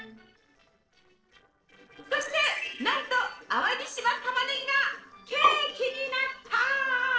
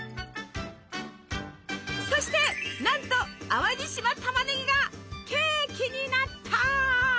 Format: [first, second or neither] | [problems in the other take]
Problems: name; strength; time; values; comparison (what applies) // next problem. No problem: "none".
second | noise reduction (neural separator model SepFormer DNS4)